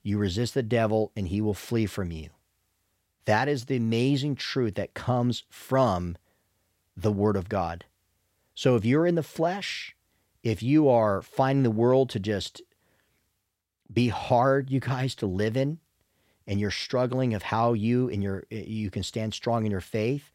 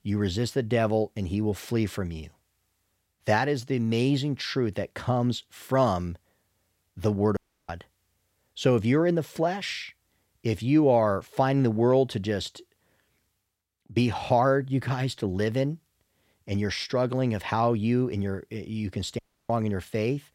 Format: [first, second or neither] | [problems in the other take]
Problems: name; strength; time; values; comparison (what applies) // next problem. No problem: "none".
first | audio cutting out; at 7.5 s and at 19 s